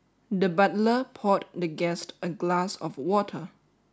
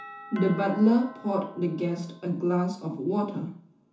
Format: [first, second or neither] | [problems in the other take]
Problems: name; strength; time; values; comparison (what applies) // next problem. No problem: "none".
first | background sound (Doorbell); 19 dB below the speech // room echo; dies away in 0.9 s